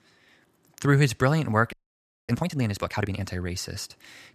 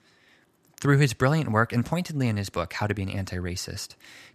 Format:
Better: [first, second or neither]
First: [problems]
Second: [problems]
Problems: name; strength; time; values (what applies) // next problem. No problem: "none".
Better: second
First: audio freezing; at 1.5 s for 0.5 s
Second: none